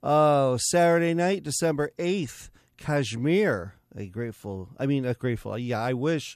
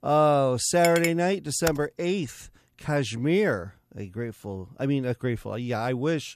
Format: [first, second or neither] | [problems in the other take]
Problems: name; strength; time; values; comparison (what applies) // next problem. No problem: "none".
first | clattering dishes; noticeable; at 1 s; peak 4 dB below the speech // keyboard typing; very faint; at 1.5 s; peak 9 dB below the speech